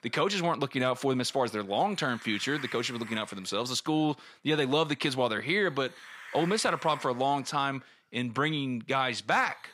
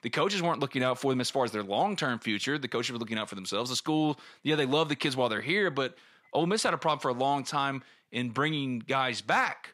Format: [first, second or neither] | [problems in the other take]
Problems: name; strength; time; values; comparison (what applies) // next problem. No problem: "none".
second | hiss; noticeable; throughout; 15 dB below the speech